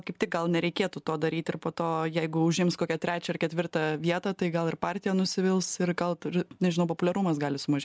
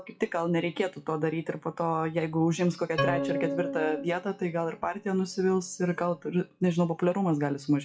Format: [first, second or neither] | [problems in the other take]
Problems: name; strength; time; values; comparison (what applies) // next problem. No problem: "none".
first | noise reduction (classical method WPE with log-MMSE)